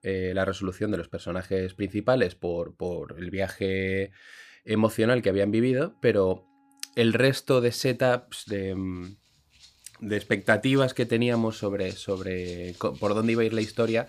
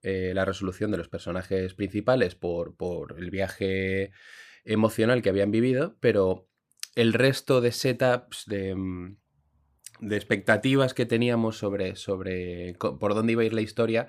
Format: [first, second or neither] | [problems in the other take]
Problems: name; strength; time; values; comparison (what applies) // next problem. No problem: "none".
second | background music; faint; throughout; 25 dB below the speech